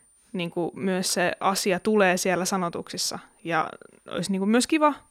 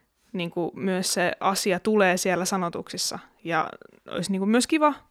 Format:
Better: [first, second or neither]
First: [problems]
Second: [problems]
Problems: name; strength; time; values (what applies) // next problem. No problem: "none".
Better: second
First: high-pitched whine; faint; throughout; 9 kHz, 35 dB below the speech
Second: none